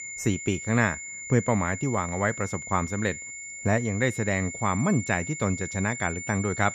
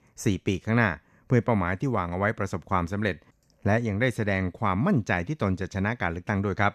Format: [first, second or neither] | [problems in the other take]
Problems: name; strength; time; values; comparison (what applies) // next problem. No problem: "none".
second | high-pitched whine; loud; throughout; 2 kHz, 8 dB below the speech